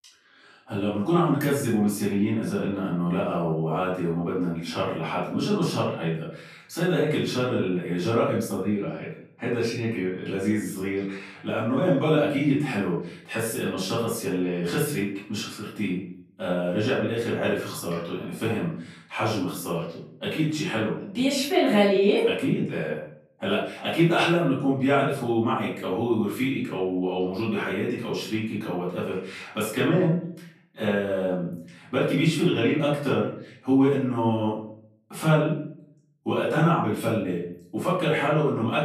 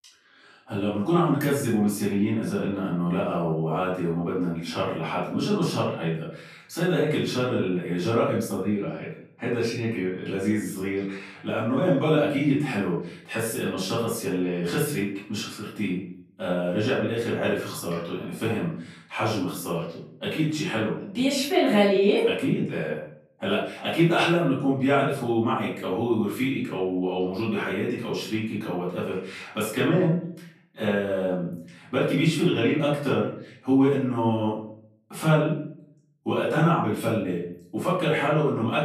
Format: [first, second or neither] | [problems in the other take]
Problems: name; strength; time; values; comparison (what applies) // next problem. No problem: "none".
neither | off-mic speech; far; the same in both // room echo; noticeable; dies away in 0.6 s; the same in both